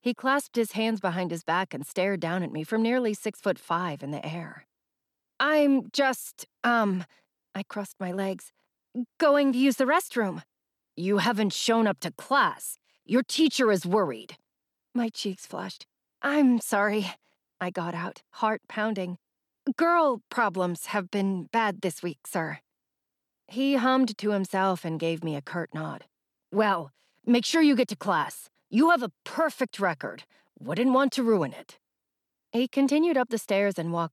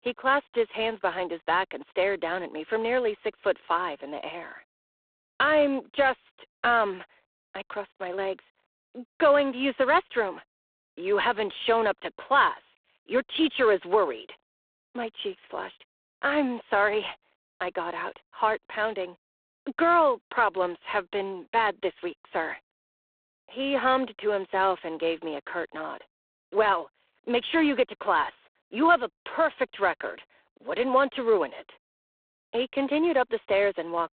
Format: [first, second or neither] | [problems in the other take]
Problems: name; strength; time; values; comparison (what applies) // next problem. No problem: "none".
first | phone-call audio; poor line